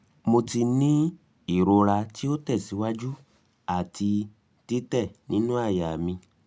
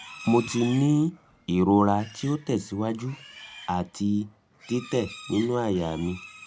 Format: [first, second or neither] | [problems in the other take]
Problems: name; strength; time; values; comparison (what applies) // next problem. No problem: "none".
first | background sound (Livestock, farm animals, working animals); 19 dB below the speech